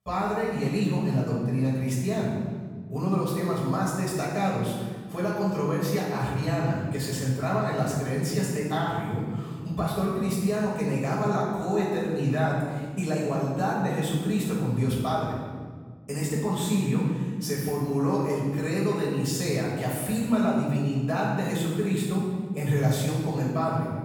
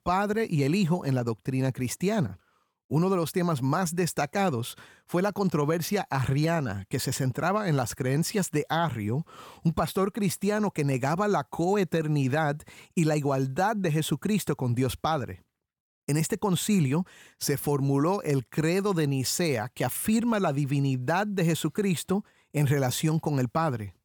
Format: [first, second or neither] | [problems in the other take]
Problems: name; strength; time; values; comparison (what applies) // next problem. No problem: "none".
second | off-mic speech; far // room echo; strong; dies away in 1.5 s